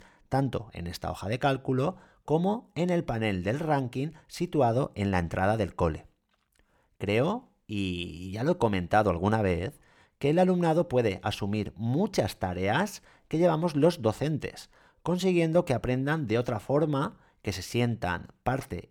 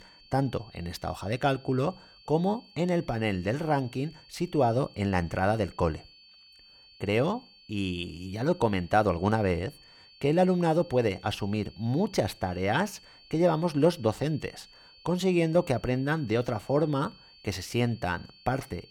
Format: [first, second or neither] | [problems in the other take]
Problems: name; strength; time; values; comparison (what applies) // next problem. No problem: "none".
first | high-pitched whine; faint; throughout; 4.5 kHz, 25 dB below the speech